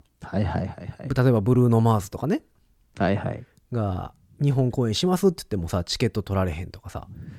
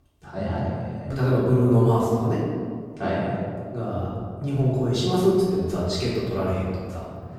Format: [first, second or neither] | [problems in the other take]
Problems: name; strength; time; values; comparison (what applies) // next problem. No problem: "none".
first | room echo; strong; dies away in 1.7 s // off-mic speech; far